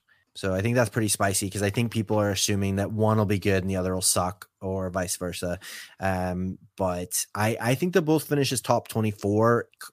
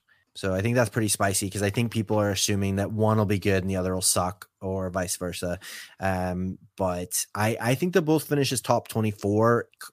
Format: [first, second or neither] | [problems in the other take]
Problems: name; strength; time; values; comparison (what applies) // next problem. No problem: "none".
neither | none